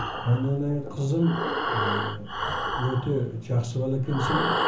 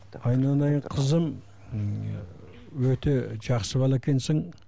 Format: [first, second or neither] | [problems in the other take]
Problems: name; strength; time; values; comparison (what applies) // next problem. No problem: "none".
second | background sound (Breathing); 3 dB below the speech // room echo; dies away in 0.8 s